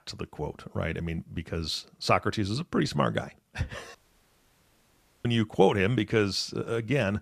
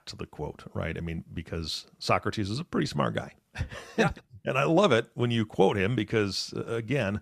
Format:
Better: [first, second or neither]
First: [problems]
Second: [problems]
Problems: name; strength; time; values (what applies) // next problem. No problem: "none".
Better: second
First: audio cutting out; at 4 s for 1.5 s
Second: none